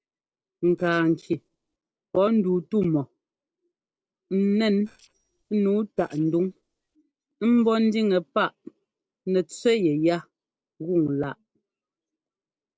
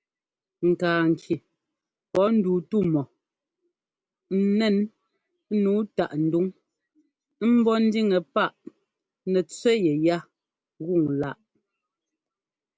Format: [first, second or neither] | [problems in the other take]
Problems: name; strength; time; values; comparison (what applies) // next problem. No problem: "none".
second | noise reduction (neural separator model SepFormer DNS4)